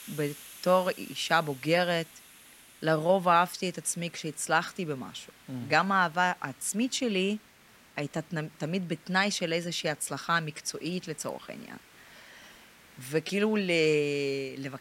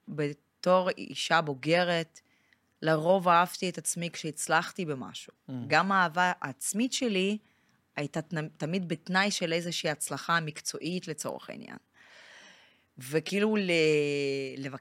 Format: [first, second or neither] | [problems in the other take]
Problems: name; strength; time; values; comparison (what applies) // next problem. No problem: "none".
second | hiss; faint; throughout; 25 dB below the speech